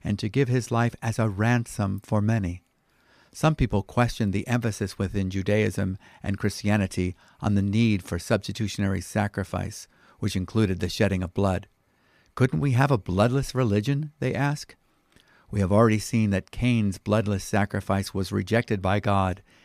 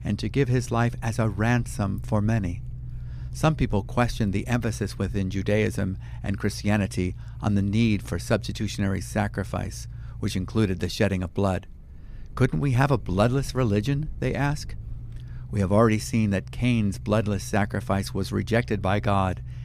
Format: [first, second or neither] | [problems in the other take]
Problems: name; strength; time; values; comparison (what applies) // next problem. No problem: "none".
first | low rumble; faint; throughout; 25 dB below the speech